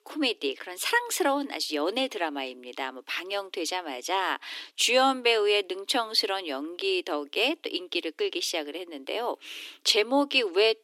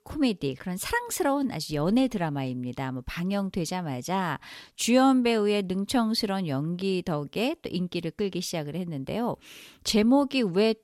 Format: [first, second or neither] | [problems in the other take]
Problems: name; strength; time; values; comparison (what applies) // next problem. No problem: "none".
second | thin; somewhat; fading below 300 Hz